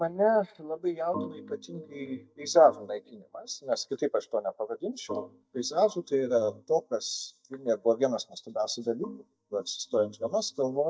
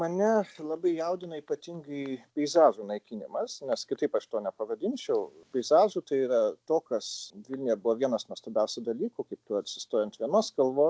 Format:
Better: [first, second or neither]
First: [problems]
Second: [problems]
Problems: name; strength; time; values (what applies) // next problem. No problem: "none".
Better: second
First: noise reduction (neural mask model DeepFilterNet 3)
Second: none